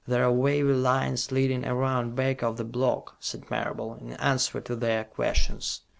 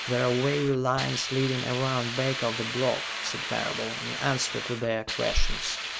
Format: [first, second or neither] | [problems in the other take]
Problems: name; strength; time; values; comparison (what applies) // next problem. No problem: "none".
first | background sound (Hiss); 6 dB below the speech